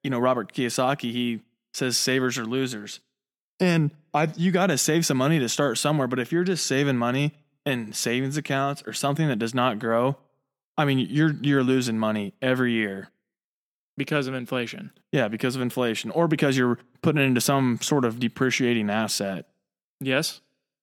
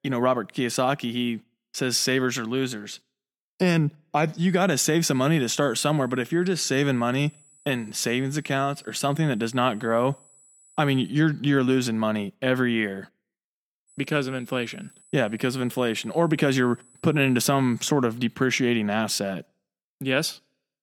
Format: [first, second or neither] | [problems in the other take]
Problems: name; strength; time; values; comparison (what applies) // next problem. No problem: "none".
first | high-pitched whine; faint; from 4.5 to 11 s and from 14 to 18 s; 8 kHz, 30 dB below the speech